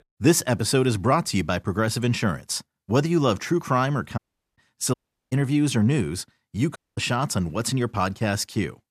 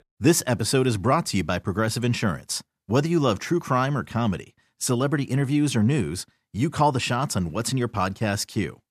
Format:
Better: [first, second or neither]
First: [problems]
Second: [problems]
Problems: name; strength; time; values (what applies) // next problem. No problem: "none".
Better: second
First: audio cutting out; at 4 s, at 5 s and at 7 s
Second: none